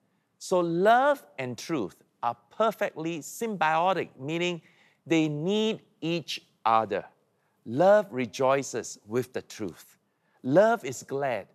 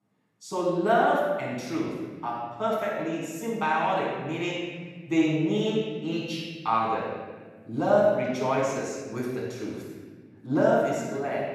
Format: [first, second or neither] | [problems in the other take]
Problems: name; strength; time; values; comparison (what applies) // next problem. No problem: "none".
first | room echo; strong; dies away in 1.5 s // off-mic speech; far